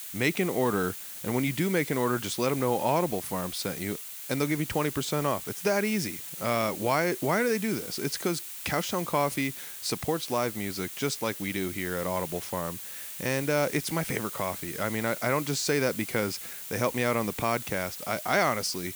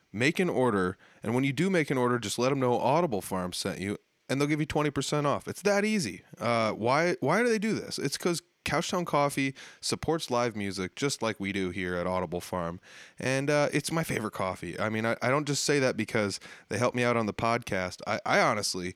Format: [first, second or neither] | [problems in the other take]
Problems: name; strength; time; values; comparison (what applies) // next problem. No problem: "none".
second | hiss; loud; throughout; 8 dB below the speech